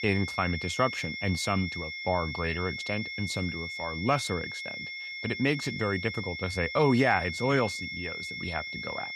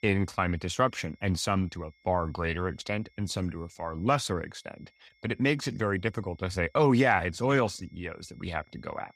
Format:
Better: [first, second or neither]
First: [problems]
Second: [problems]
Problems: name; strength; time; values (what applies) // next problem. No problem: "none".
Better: second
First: high-pitched whine; loud; throughout; 2 kHz, 5 dB below the speech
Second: high-pitched whine; faint; throughout; 2 kHz, 35 dB below the speech